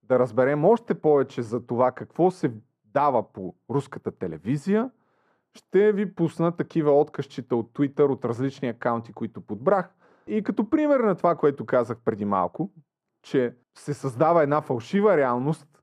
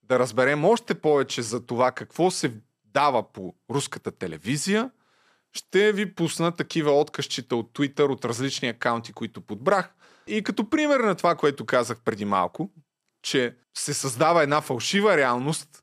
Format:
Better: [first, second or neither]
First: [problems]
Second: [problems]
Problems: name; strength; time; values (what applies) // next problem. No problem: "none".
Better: second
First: muffled; very; fading above 2 kHz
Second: none